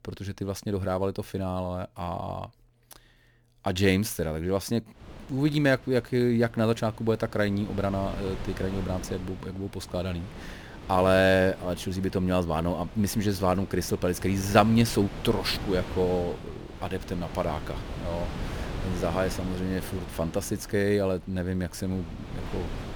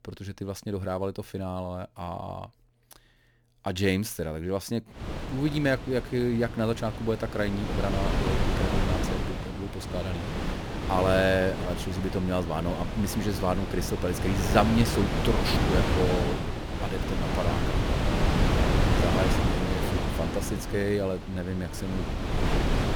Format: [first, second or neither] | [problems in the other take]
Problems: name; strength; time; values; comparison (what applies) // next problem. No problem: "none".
first | wind noise on the microphone; heavy; from 5 s on; 1 dB below the speech; occasional gusts in the first